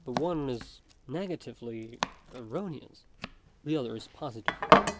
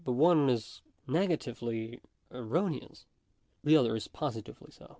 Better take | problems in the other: second | background sound (Domestic sounds, home sounds); 5 dB above the speech

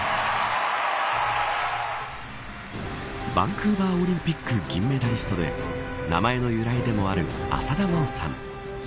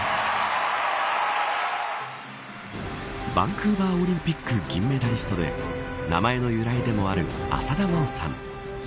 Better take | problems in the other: second | background sound (Domestic sounds, home sounds); 18 dB below the speech

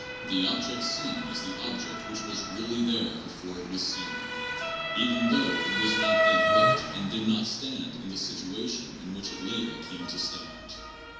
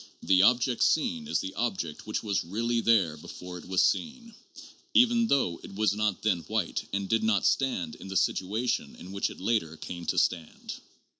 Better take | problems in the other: second | background sound (Motor vehicle (road) / Siren); 1 dB above the speech // room echo; dies away in 0.9 s

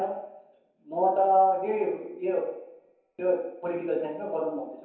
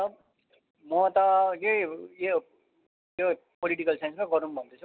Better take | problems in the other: second | room echo; dies away in 0.9 s

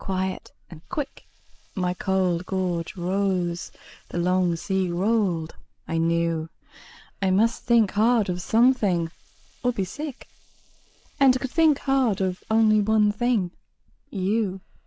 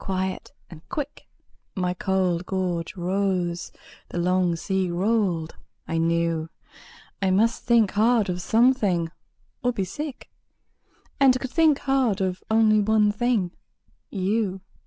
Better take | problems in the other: second | noise reduction (neural mask model Resemble Enhance denoiser)

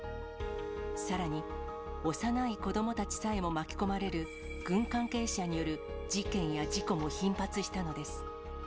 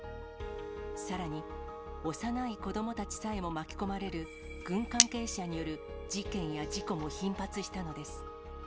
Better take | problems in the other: first | background sound (Cutlery, silverware); 4 dB above the speech

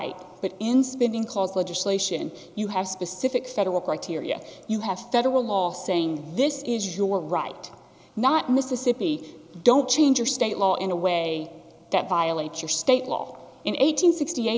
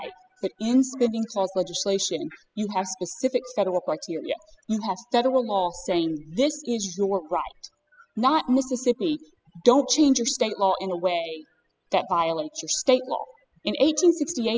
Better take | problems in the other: first | noise reduction (classical method spectral subtraction)

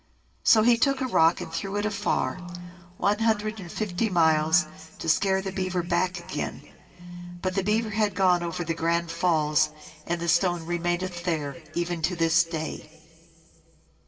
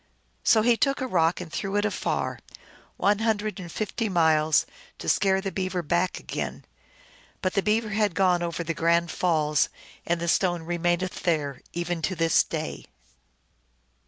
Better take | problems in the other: second | background sound (Telephone); 13 dB below the speech // room echo; dies away in 2.5 s

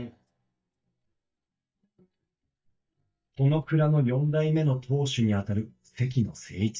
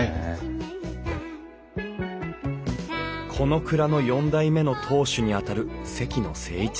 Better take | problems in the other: second | noise reduction (neural mask model DeepFilterNet 3)

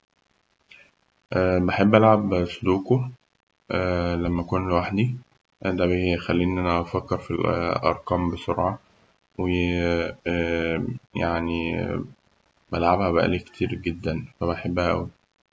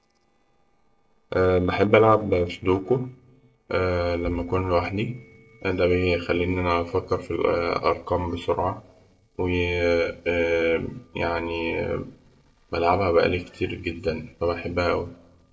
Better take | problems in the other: first | noise reduction (neural separator model SepFormer DNS4)

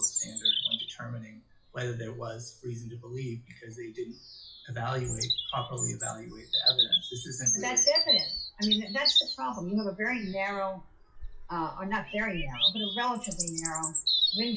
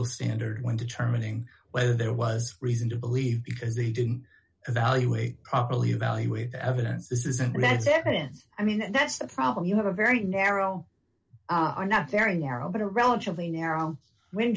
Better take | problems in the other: second | noise reduction (classical method WPE with log-MMSE)

